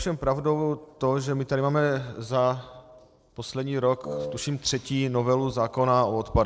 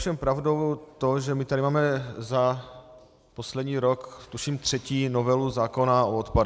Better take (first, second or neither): second